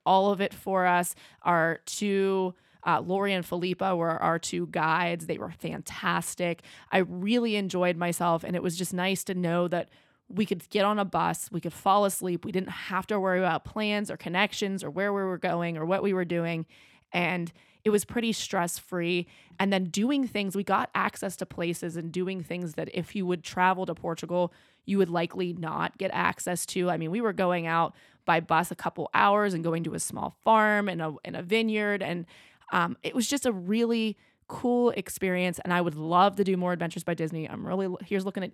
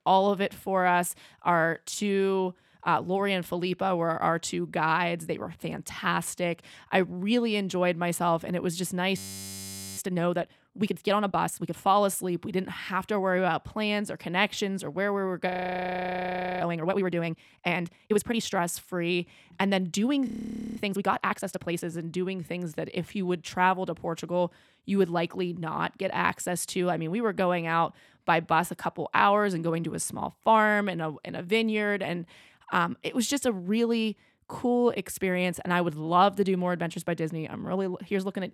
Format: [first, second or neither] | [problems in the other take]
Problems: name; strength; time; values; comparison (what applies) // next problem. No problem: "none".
first | audio freezing; at 9 s for 1 s, at 15 s for 1 s and at 20 s